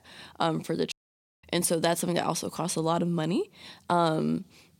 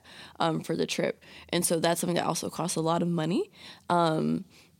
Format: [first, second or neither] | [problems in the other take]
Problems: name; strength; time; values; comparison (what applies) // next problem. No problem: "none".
second | audio cutting out; at 1 s for 0.5 s